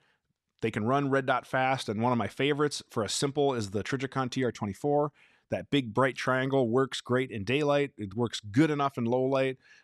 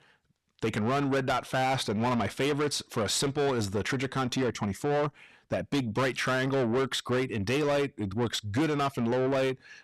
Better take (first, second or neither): first